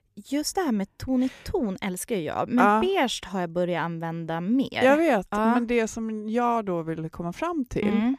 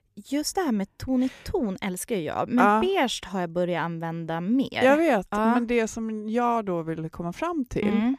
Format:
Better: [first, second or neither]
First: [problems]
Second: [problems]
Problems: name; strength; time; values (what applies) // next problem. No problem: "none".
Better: neither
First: none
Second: none